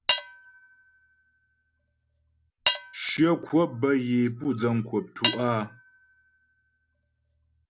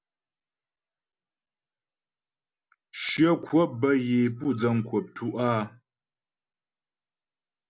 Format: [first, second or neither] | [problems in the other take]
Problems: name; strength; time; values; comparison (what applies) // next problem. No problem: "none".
second | background sound (Cutlery, silverware / Dishes, pots, and pans); 7 dB below the speech